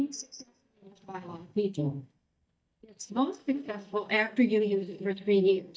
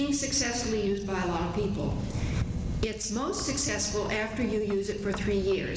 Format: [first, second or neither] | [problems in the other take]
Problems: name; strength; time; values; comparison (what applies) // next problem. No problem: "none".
second | noise reduction (neural mask model DeepFilterNet 3)